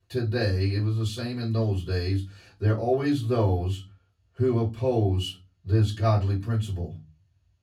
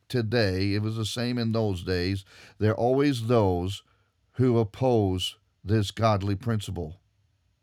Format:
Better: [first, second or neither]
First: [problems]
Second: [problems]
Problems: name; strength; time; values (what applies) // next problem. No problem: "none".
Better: second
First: off-mic speech; far // room echo; very slight; dies away in 0.2 s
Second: none